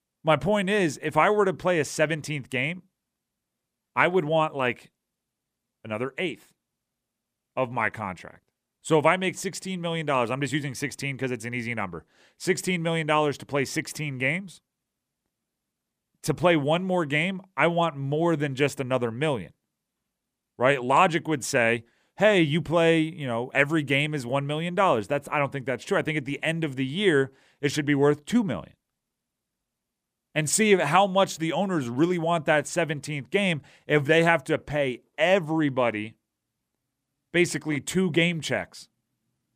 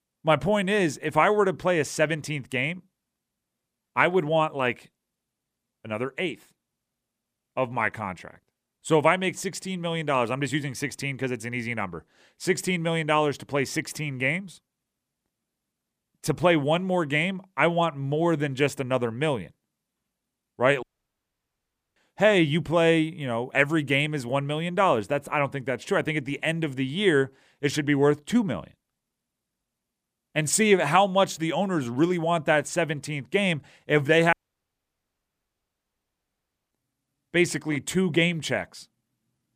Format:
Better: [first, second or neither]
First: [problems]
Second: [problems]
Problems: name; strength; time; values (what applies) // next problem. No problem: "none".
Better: first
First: none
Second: audio cutting out; at 21 s for 1 s and at 34 s for 2.5 s